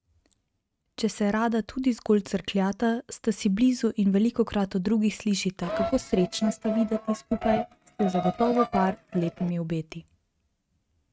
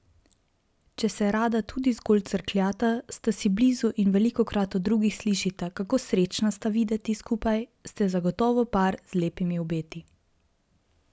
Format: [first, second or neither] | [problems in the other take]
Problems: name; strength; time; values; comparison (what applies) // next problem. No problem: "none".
second | noise reduction (neural mask model RNNoise)